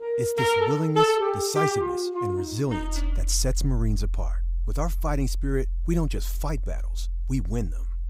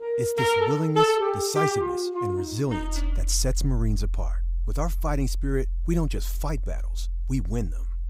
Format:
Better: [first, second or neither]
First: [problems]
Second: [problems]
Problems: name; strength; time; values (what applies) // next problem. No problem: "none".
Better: neither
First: background music; very loud; throughout; 2 dB above the speech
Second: background music; very loud; throughout; 2 dB above the speech